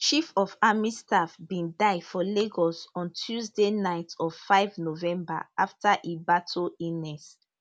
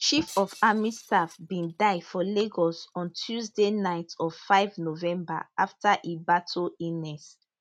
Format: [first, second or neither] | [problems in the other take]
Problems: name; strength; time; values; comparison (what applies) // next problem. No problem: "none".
first | noise reduction (neural mask model RNNoise)